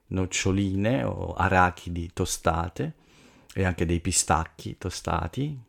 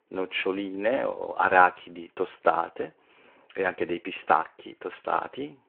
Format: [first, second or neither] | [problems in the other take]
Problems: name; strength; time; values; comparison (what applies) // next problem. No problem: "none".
first | phone-call audio